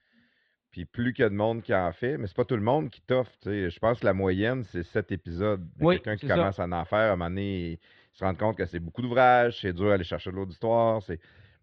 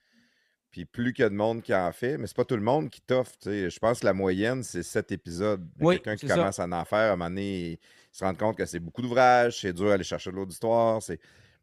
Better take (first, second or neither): second